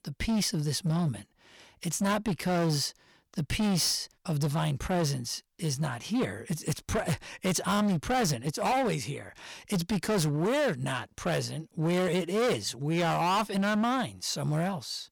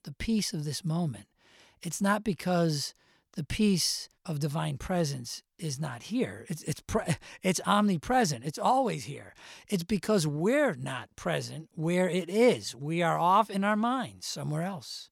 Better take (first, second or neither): second